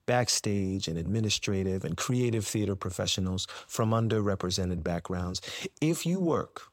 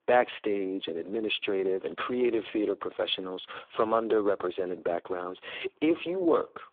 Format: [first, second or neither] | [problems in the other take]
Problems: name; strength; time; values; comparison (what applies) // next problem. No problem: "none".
first | phone-call audio; poor line; nothing above 3.5 kHz